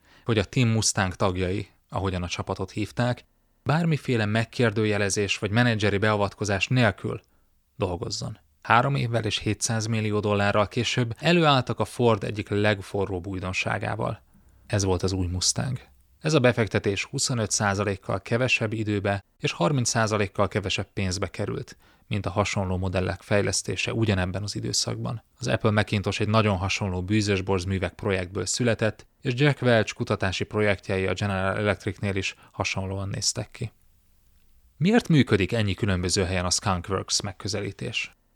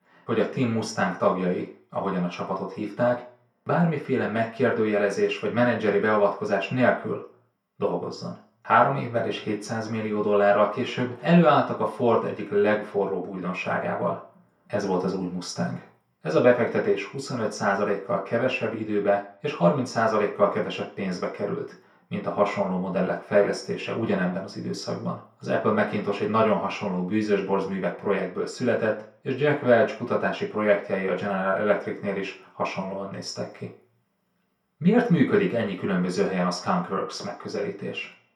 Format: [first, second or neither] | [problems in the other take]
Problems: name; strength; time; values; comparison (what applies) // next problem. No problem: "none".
first | room echo; slight; dies away in 0.4 s // off-mic speech; far